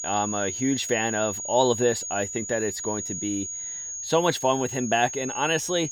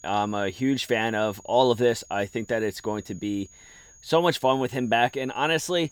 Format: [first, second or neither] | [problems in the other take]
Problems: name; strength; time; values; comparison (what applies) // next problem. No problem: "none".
second | high-pitched whine; loud; throughout; 6.5 kHz, 5 dB below the speech; faint in the second